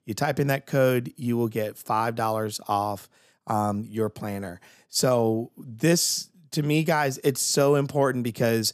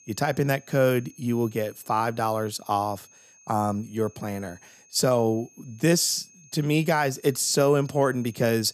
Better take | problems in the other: first | high-pitched whine; faint; throughout; 6.5 kHz, 25 dB below the speech

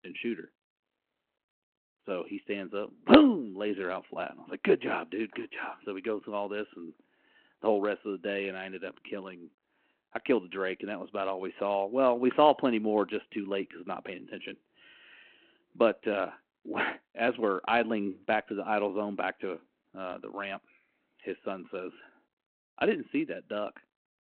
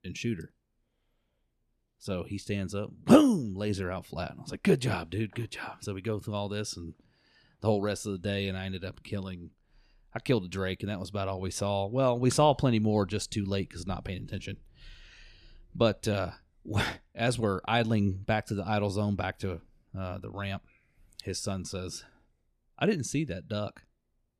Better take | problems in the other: second | phone-call audio; nothing above 4 kHz

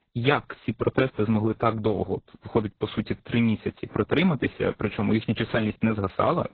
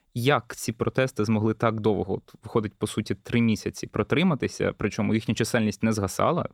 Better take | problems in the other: second | garbled, watery; badly

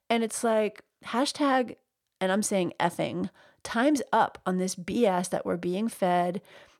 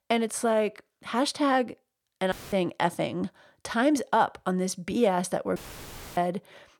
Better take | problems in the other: first | audio cutting out; filled with static; at 2.5 s and at 5.5 s for 0.5 s

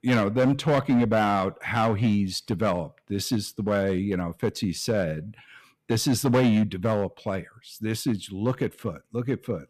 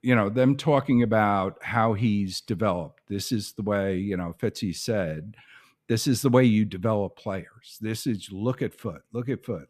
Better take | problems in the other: second | distortion; slight; 5% of the sound clipped

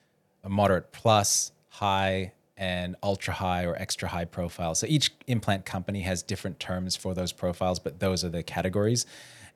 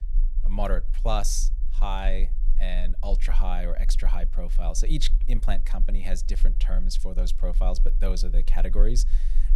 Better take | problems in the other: first | low rumble; noticeable; throughout; 20 dB below the speech

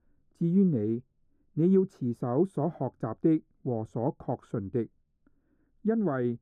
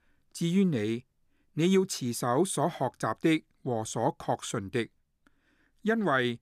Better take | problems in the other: second | muffled; very; fading above 1 kHz

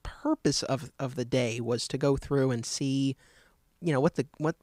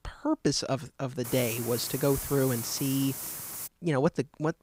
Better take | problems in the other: first | hiss; loud; from 1 to 3.5 s; 6 dB below the speech

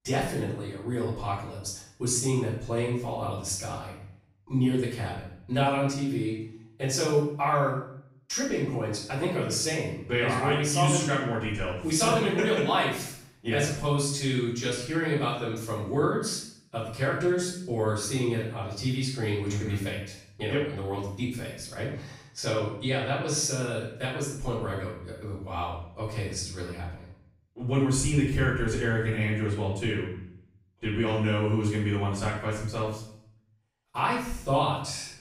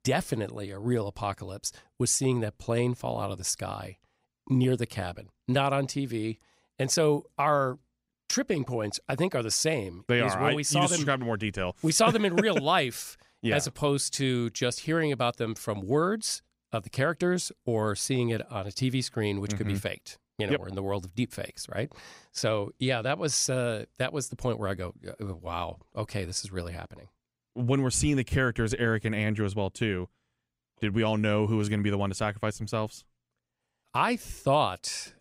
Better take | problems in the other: second | off-mic speech; far // room echo; noticeable; dies away in 0.6 s

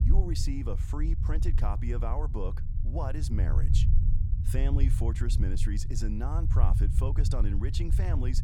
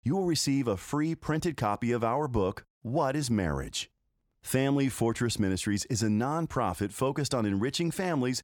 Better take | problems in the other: second | low rumble; loud; throughout; 6 dB below the speech

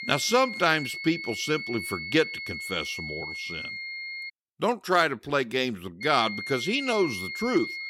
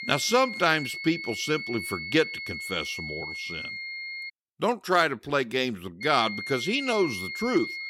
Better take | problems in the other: neither | high-pitched whine; loud; until 4.5 s and from 6 s on; 2 kHz, 7 dB below the speech; the same in both

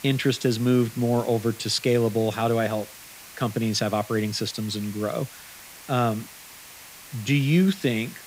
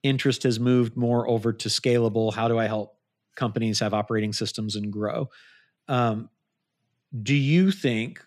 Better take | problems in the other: second | hiss; noticeable; throughout; 15 dB below the speech

